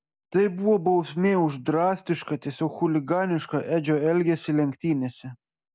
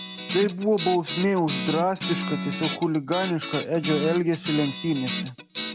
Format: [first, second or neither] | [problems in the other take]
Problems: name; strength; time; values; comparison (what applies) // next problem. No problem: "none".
first | background sound (Guitar); 6 dB below the speech